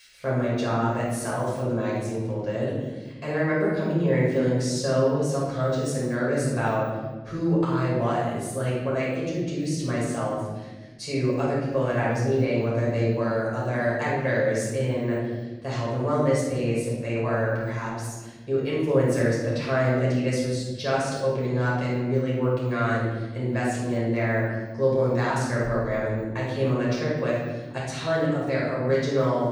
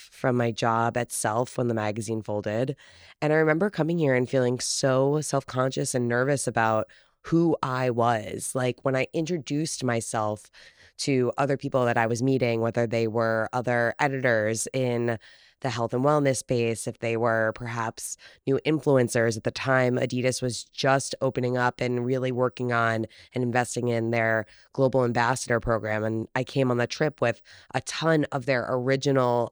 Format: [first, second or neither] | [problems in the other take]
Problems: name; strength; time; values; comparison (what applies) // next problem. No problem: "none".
second | room echo; strong; dies away in 1.5 s // off-mic speech; far